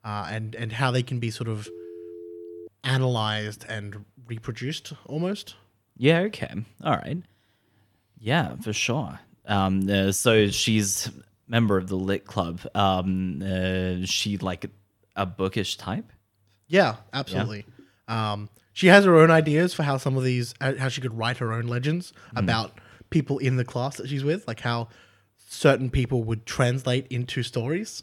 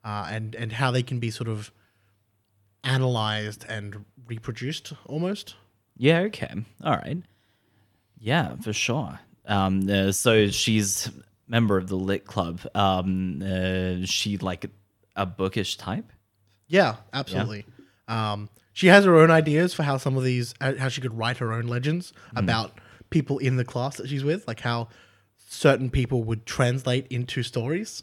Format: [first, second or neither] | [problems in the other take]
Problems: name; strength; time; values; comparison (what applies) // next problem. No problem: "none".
second | phone ringing; faint; from 1.5 to 2.5 s; peak 15 dB below the speech